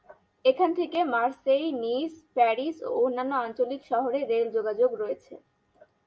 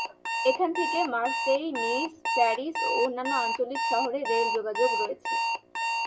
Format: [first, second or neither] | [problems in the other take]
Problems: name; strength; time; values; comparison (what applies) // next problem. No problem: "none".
first | background sound (Alarm); 1 dB below the speech